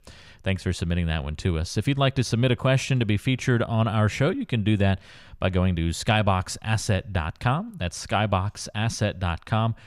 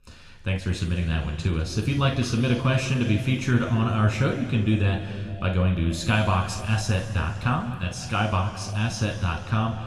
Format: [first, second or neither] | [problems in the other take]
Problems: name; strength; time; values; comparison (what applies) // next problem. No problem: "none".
first | room echo; noticeable; dies away in 2 s // off-mic speech; somewhat distant